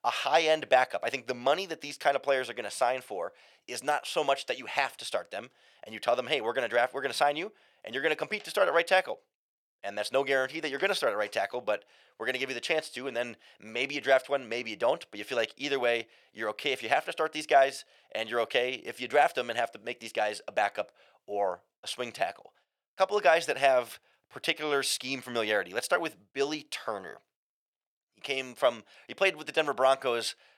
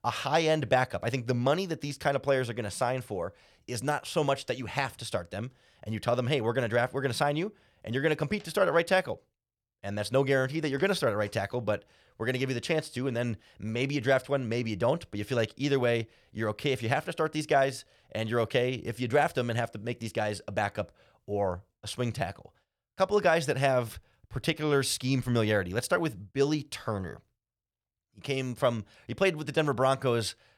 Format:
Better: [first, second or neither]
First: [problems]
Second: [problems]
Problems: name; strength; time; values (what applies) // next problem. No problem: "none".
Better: second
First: thin; very; fading below 400 Hz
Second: none